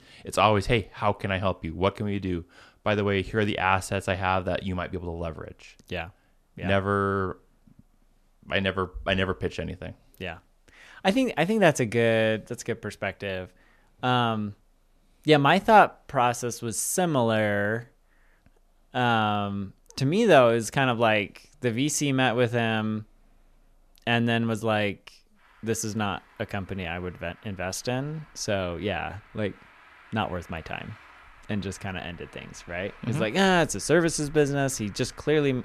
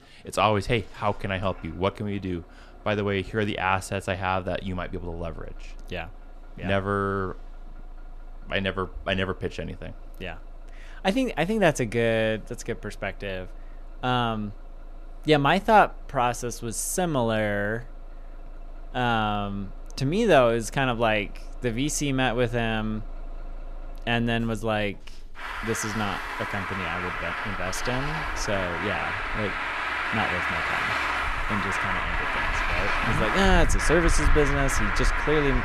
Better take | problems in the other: first | traffic noise; loud; throughout; 1 dB below the speech; faint in the first

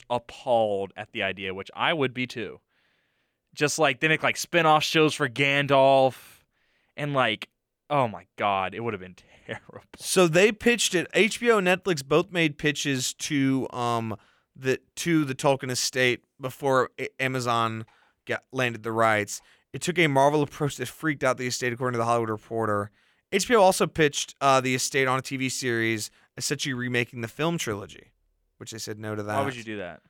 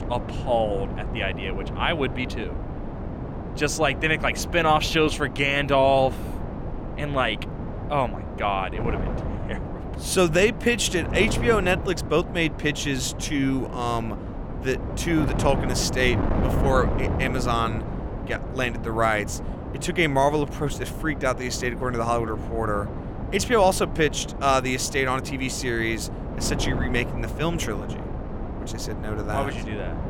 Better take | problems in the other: first | wind noise on the microphone; occasional gusts; 10 dB below the speech

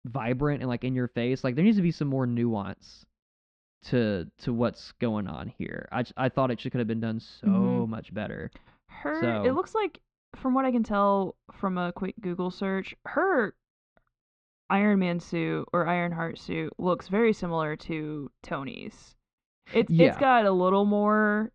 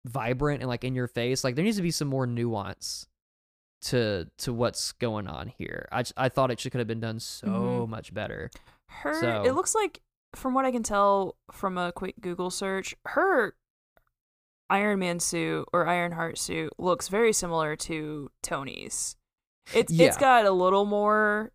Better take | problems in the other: second | muffled; slightly; fading above 3.5 kHz

